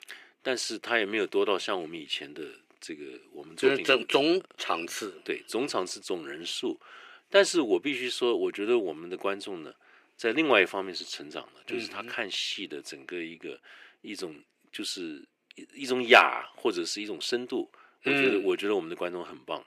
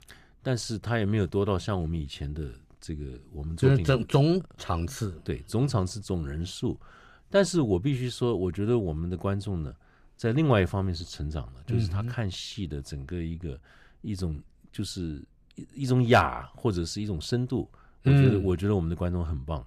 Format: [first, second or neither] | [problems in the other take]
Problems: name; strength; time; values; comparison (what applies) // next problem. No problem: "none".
second | thin; very; fading below 350 Hz